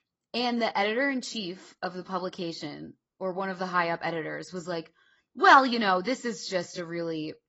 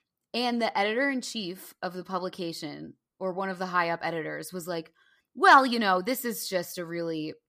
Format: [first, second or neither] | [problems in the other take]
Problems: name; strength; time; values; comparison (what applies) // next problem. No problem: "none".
second | garbled, watery; badly; nothing above 8 kHz